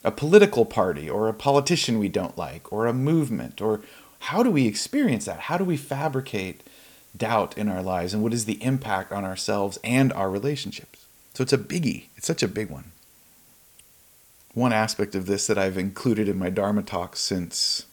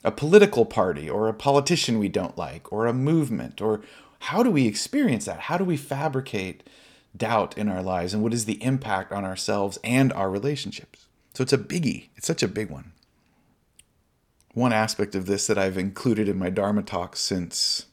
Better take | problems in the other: second | hiss; faint; throughout; 30 dB below the speech

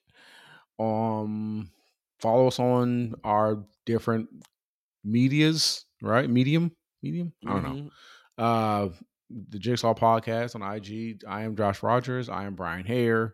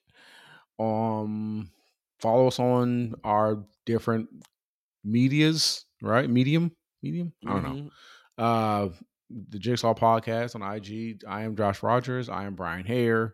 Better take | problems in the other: neither | none

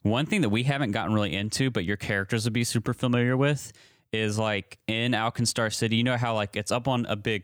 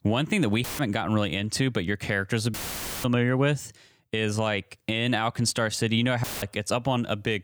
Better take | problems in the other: first | audio cutting out; filled with static; at 0.5 s, at 2.5 s for 0.5 s and at 6 s

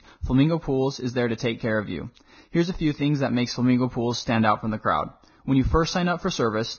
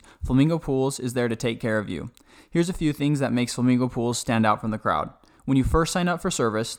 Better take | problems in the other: second | garbled, watery; badly; nothing above 6.5 kHz

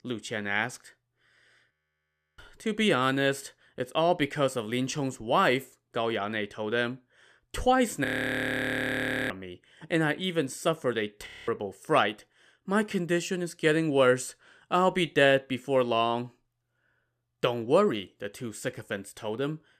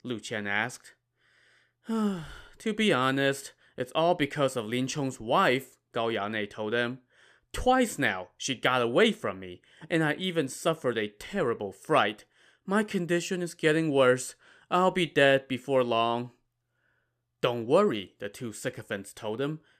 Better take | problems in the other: second | audio freezing; at 1.5 s for 0.5 s, at 8 s for 1.5 s and at 11 s

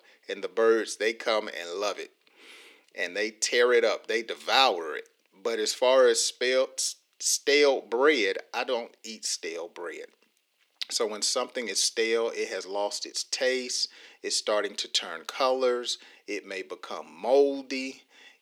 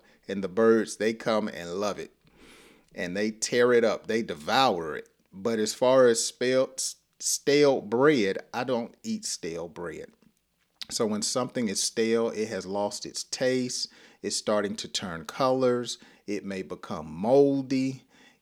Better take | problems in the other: second | thin; somewhat; fading below 350 Hz

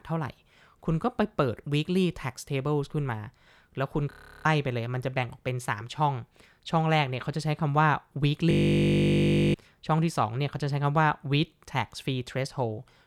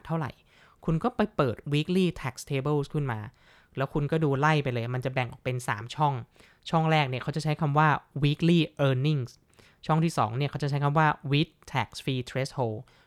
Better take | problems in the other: second | audio freezing; at 4 s and at 8.5 s for 1 s

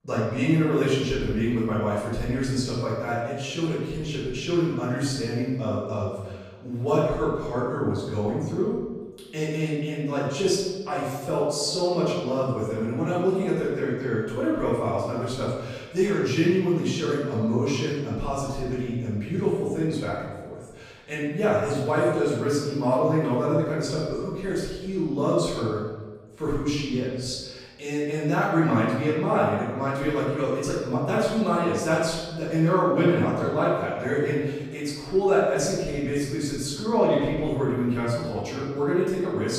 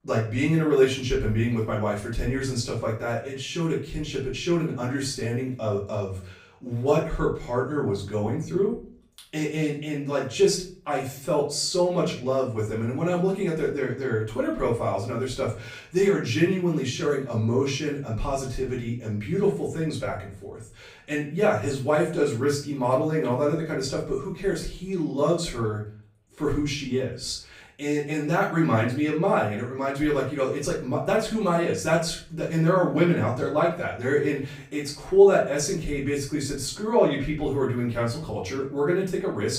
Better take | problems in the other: second | room echo; strong; dies away in 1.2 s; slight in the second // off-mic speech; far; far in the second

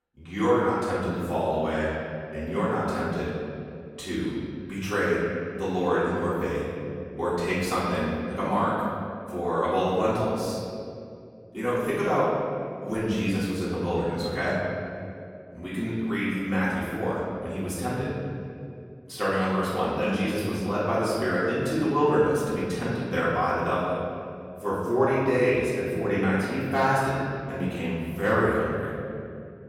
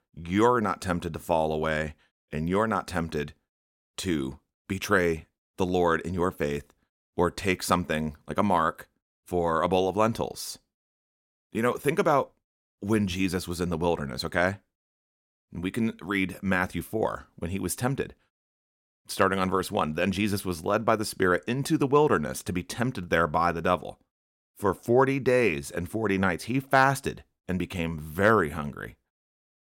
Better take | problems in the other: second | room echo; strong; dies away in 2.4 s // off-mic speech; far

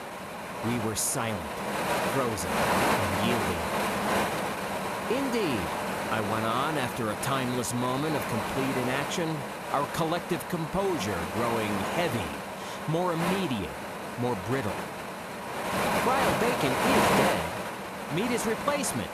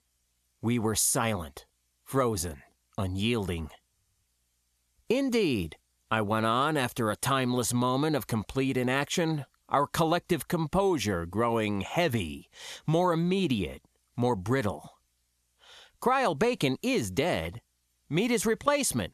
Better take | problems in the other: second | wind noise on the microphone; heavy; 2 dB above the speech

